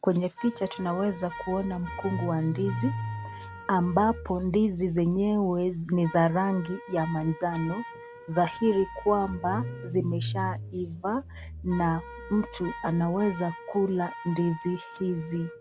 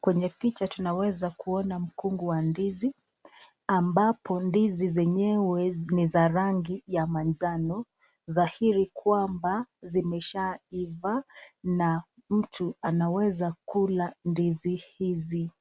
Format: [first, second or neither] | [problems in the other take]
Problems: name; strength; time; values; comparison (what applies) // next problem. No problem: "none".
second | background sound (Engine starting / Car + Wind instrument, woodwind instrument); 11 dB below the speech